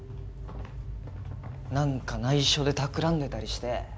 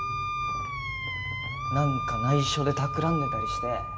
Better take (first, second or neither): first